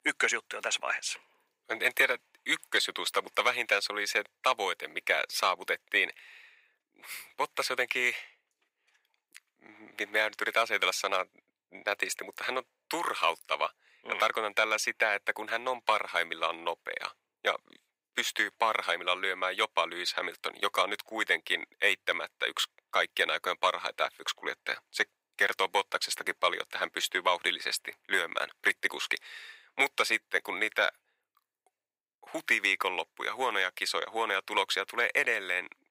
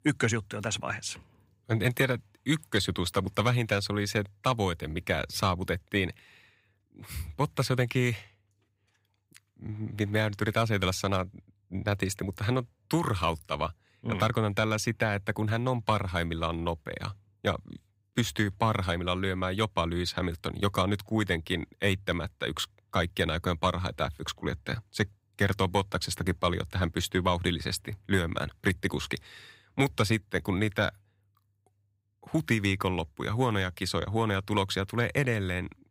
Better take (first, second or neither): second